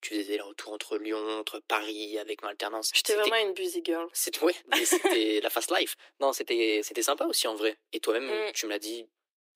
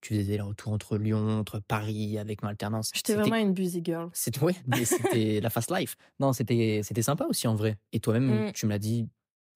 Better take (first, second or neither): second